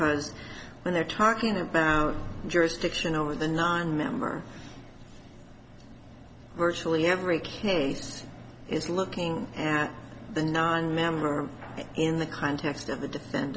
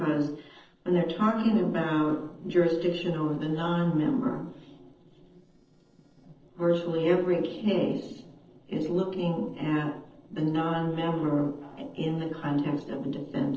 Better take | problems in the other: first | noise reduction (neural separator model SepFormer DNS4)

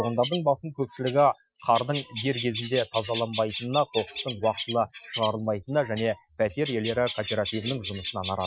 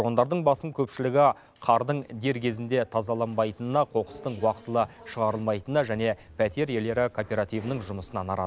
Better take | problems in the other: second | noise reduction (classical method Wiener filter)

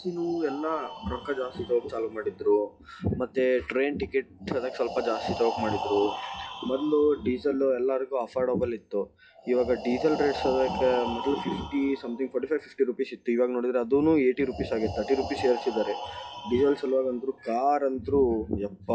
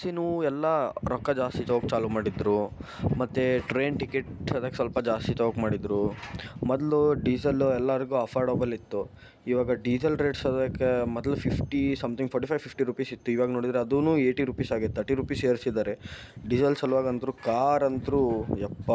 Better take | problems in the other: second | noise reduction (classical method WPE with log-MMSE)

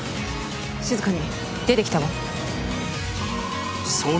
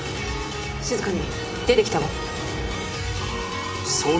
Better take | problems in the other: first | room echo; dies away in 2.6 s

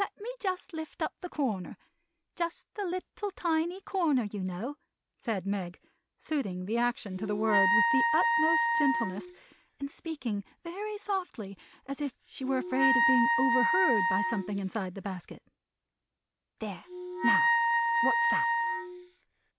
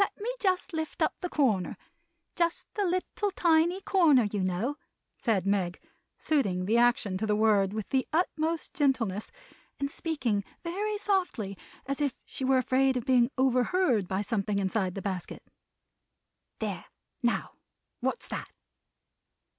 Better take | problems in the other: second | background sound (Wind instrument, woodwind instrument); 4 dB above the speech

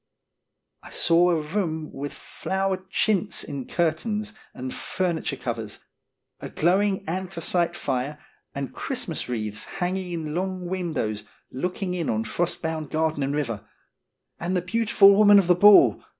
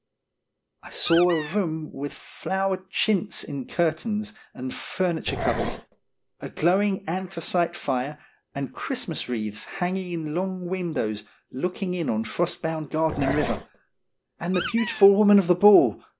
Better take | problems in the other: first | background sound (Growling + Squeak); 7 dB below the speech

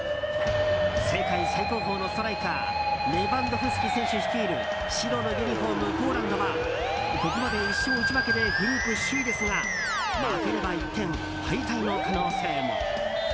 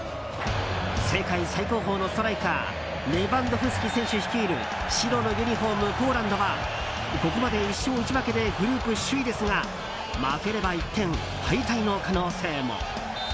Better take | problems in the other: second | background sound (Musical instrument); 1 dB above the speech

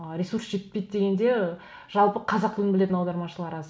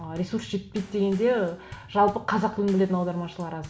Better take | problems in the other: first | background sound (Bass drum / Snare drum / Drum kit); 20 dB below the speech

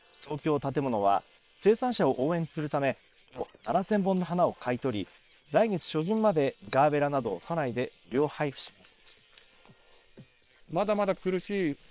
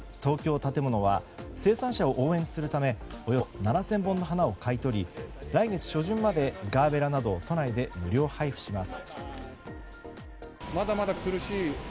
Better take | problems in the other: second | noise reduction (neural separator model SepFormer WHAM!)

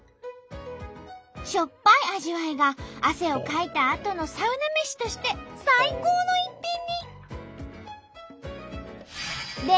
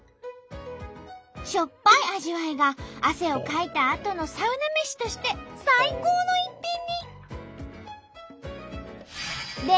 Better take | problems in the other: first | background sound (Cowbell); 13 dB below the speech

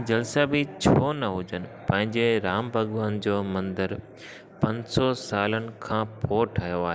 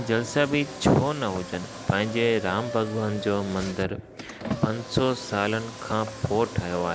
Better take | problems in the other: first | background sound (Car); 12 dB below the speech

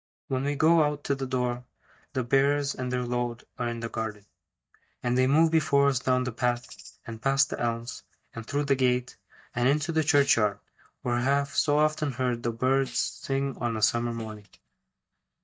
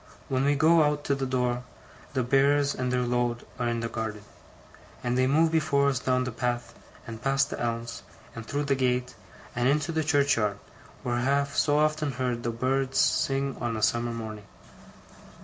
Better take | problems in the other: second | noise reduction (neural mask model DeepFilterNet 3)

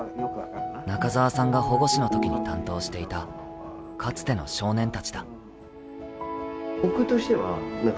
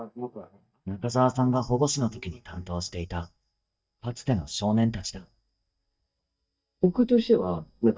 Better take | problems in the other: first | noise reduction (neural mask model DeepFilterNet 3)

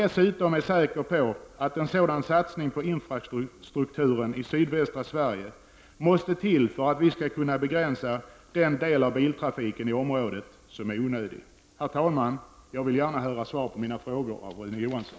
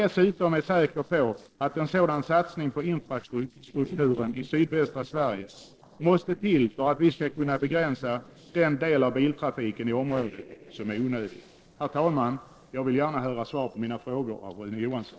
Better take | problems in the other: first | noise reduction (neural separator model SepFormer DNS4)

